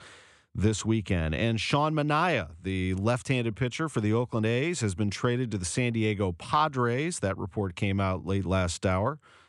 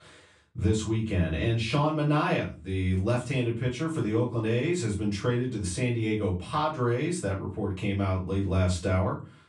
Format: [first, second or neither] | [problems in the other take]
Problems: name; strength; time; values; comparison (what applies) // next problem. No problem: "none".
first | off-mic speech; far // room echo; slight; dies away in 0.3 s